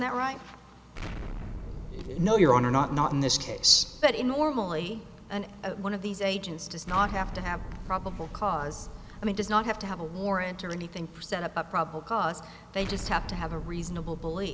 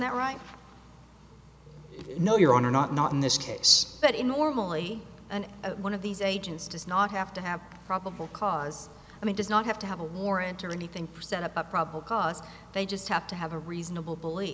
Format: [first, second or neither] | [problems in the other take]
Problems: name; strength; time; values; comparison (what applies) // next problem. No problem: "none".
second | background sound (Explosion); 12 dB below the speech